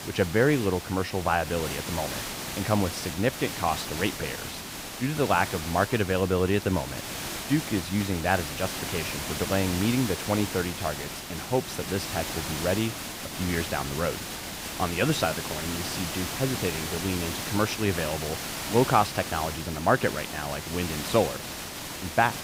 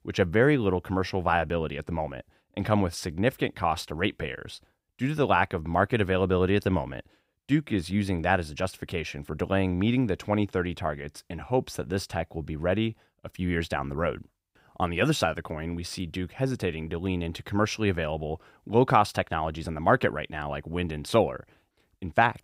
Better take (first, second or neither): second